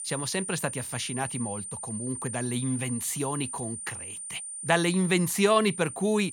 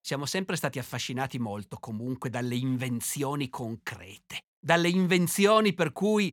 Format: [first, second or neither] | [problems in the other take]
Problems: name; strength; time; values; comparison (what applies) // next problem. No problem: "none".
second | high-pitched whine; loud; throughout; 9 kHz, 7 dB below the speech